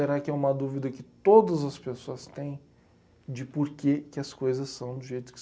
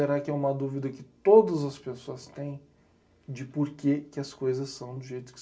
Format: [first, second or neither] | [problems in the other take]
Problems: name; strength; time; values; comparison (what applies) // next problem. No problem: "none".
first | room echo; dies away in 0.2 s